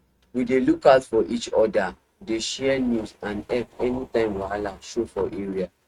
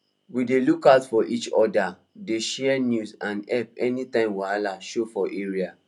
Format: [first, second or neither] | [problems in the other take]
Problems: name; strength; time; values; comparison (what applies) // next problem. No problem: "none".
second | noise reduction (neural mask model RNNoise)